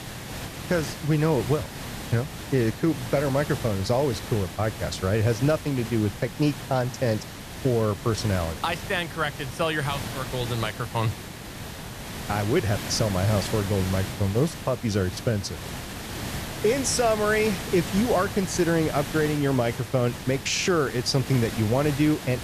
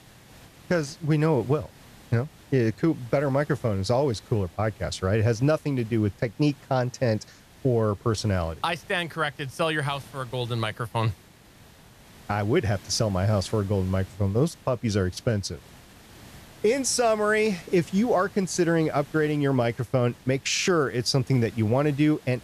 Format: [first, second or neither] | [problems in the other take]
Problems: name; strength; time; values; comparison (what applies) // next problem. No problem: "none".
second | hiss; loud; throughout; 9 dB below the speech; faint in the second